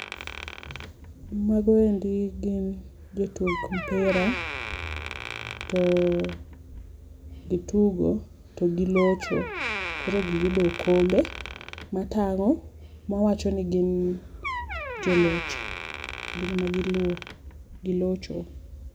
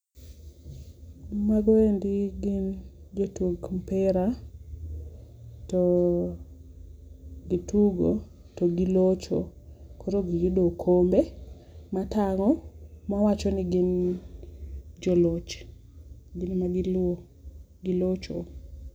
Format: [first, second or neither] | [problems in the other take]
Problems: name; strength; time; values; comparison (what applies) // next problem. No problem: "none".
second | background sound (Door); 11 dB below the speech